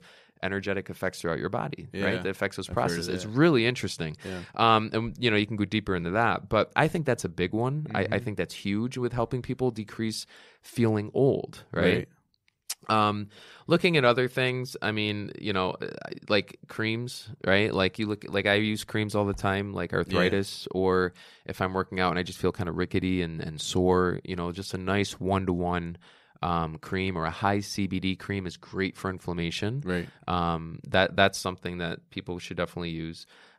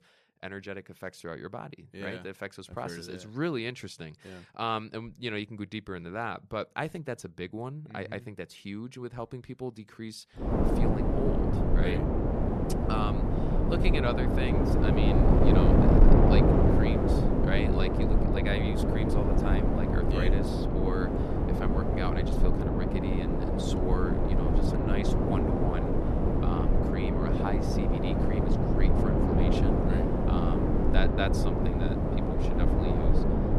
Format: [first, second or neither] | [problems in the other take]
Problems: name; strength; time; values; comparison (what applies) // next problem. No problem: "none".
first | wind noise on the microphone; heavy; from 10 s on; 5 dB above the speech